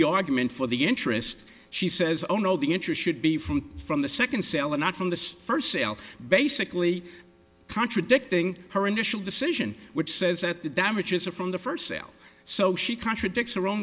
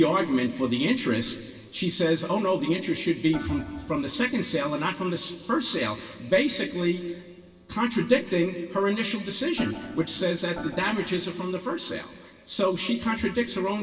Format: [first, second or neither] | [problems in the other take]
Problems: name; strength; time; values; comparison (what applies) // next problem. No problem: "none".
first | background sound (Organ); 13 dB below the speech // room echo; dies away in 2.1 s